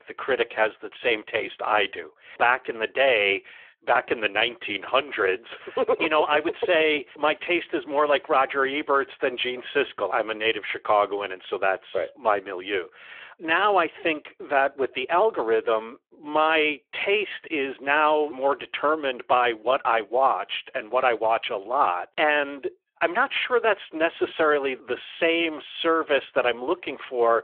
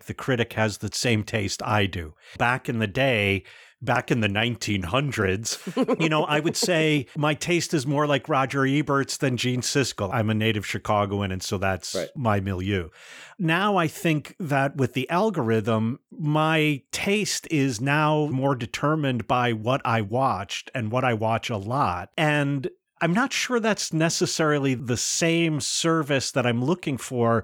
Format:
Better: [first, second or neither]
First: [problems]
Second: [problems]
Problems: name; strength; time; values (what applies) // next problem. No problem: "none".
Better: second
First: phone-call audio; nothing above 3.5 kHz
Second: none